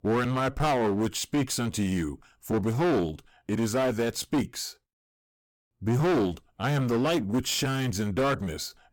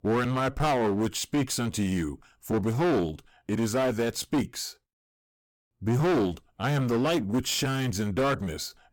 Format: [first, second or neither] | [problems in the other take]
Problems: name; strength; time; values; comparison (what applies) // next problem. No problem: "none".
neither | distortion; heavy; 17% of the sound clipped; the same in both